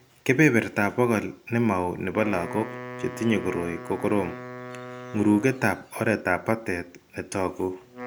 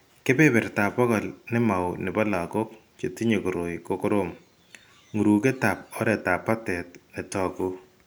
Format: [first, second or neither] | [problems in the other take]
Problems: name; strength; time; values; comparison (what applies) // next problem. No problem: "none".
second | background sound (Wind instrument, woodwind instrument); 15 dB below the speech